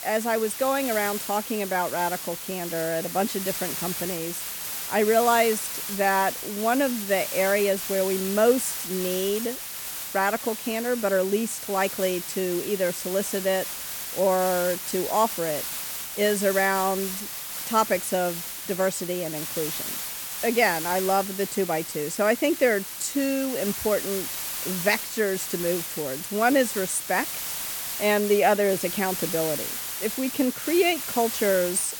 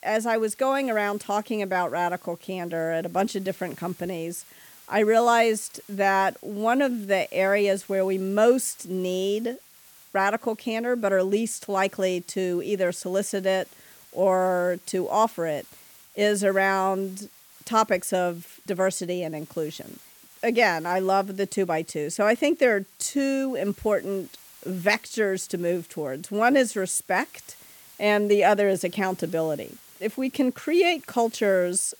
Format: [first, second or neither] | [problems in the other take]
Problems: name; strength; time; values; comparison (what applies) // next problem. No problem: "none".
second | hiss; loud; throughout; 5 dB below the speech; faint in the second